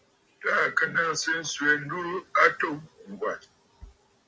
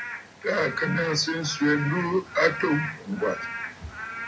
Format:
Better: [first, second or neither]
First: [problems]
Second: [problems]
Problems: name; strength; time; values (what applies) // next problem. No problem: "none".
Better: first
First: none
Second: background sound (Rain / Frog); 9 dB below the speech // room echo; dies away in 0.4 s